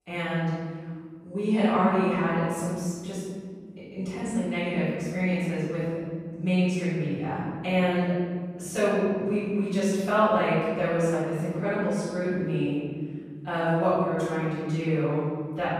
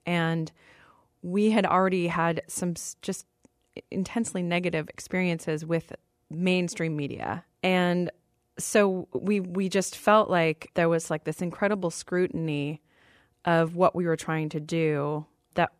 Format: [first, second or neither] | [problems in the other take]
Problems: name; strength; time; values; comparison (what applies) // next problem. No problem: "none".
second | off-mic speech; far // room echo; strong; dies away in 2.2 s